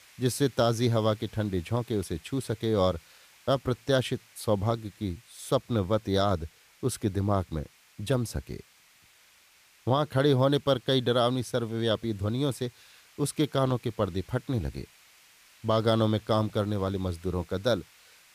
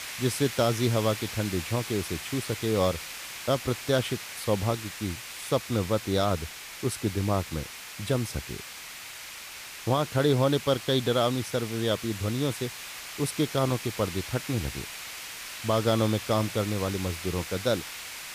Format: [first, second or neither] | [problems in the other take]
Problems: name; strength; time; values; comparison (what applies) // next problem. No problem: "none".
first | hiss; loud; throughout; 9 dB below the speech; faint in the first